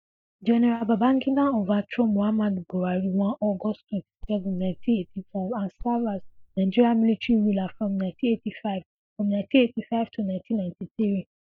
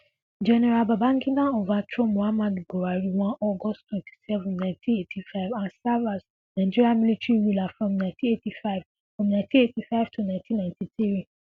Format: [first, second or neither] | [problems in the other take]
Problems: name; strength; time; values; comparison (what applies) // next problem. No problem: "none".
second | noise reduction (neural mask model DeepFilterNet 3)